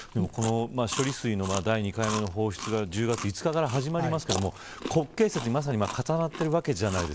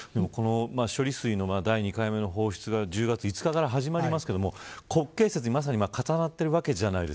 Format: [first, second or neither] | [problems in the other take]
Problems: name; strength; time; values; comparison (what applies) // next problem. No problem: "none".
second | background sound (Chewing, mastication); 11 dB below the speech